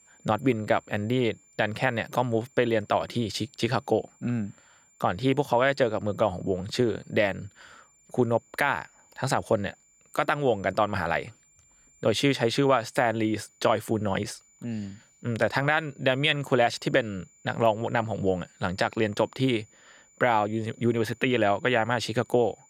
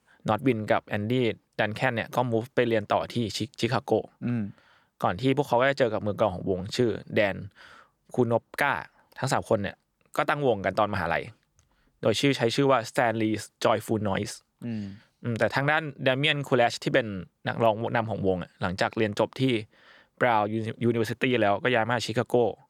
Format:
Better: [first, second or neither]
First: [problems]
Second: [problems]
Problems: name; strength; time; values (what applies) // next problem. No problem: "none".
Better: second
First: high-pitched whine; faint; throughout; 7 kHz, 30 dB below the speech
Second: none